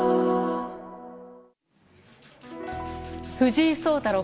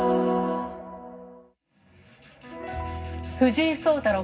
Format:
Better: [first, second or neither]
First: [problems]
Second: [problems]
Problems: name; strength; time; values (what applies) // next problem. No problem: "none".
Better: first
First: none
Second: room echo; dies away in 0.4 s